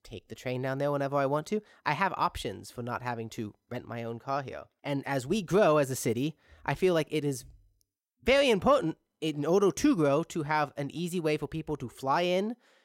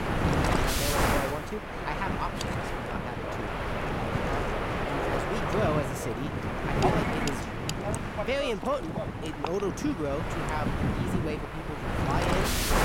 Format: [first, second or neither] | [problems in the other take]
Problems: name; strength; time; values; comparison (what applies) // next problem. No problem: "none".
first | wind noise on the microphone; heavy; 4 dB above the speech